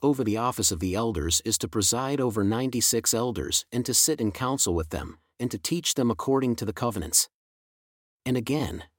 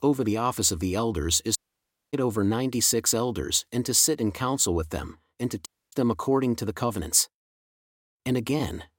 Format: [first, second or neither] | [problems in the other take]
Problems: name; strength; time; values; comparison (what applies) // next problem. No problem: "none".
first | audio cutting out; at 1.5 s for 0.5 s and at 5.5 s